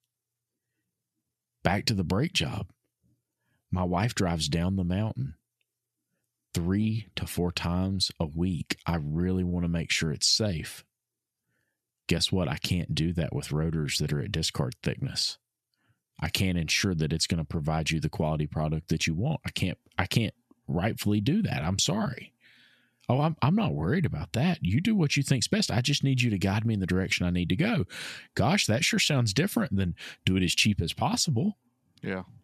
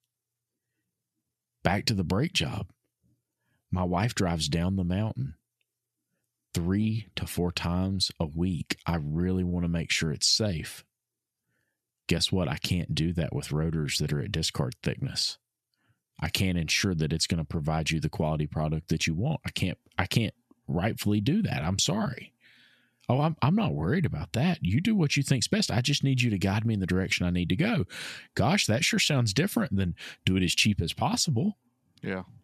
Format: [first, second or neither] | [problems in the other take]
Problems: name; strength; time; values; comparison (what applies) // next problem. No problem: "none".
neither | none